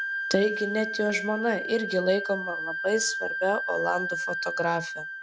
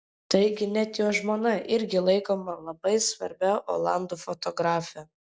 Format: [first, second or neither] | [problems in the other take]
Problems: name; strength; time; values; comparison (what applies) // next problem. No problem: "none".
second | background sound (Wind instrument, woodwind instrument); 4 dB below the speech